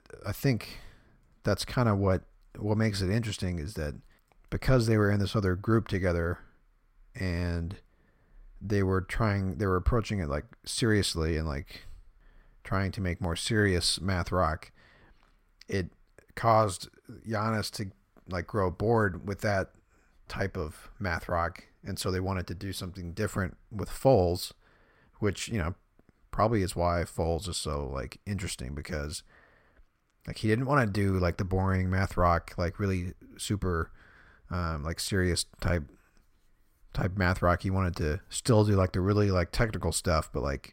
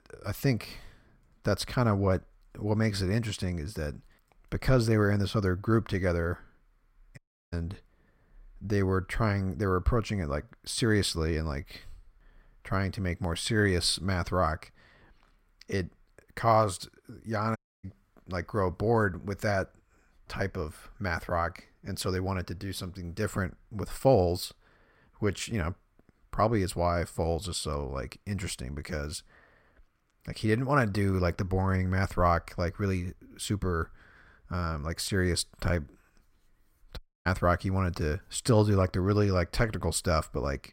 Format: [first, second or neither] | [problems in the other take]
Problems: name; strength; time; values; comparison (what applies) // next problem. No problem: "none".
first | audio cutting out; at 7 s, at 18 s and at 37 s